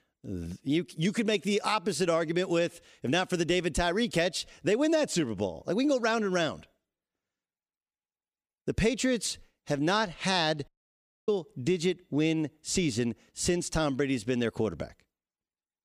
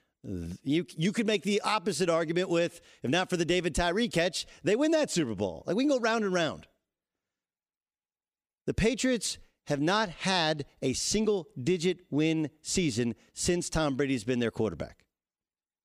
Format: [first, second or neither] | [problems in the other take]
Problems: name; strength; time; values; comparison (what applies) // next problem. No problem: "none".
second | audio cutting out; at 11 s for 0.5 s